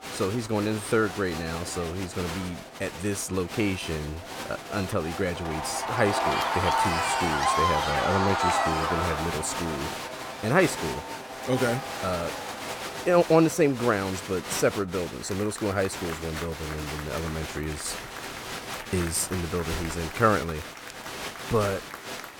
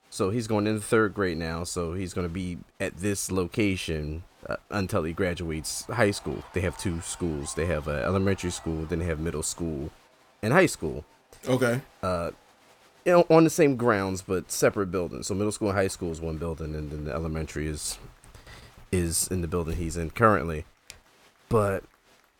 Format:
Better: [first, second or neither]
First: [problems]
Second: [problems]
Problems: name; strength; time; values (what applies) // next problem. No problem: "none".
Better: second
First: crowd noise; loud; throughout; 3 dB below the speech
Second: crowd noise; faint; throughout; 25 dB below the speech